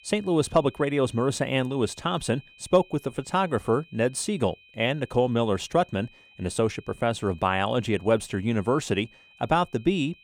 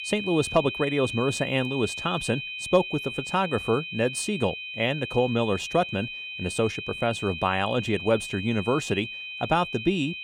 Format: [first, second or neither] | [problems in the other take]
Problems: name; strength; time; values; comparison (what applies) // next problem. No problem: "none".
first | high-pitched whine; loud; throughout; 2.5 kHz, 7 dB below the speech; faint in the first